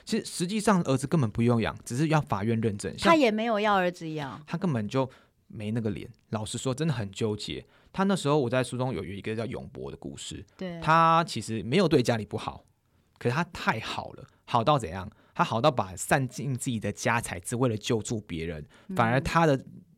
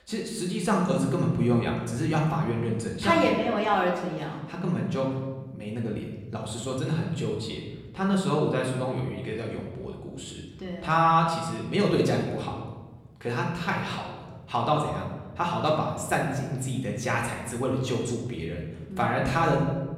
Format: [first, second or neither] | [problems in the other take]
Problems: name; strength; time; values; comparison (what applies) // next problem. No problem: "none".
first | room echo; noticeable; dies away in 1.1 s // off-mic speech; far